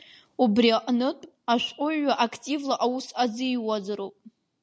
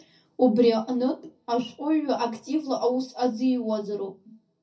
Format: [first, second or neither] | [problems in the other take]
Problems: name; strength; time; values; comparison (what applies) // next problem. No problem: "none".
first | room echo; dies away in 0.3 s